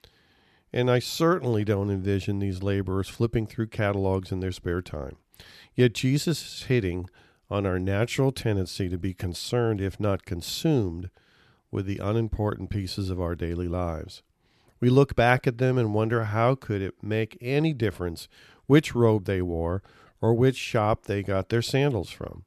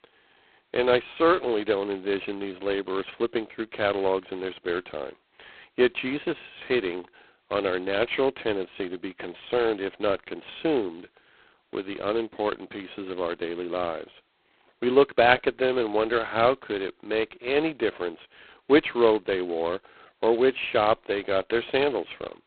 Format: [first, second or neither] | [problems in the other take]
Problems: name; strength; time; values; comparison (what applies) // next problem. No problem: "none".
first | phone-call audio; poor line; nothing above 4 kHz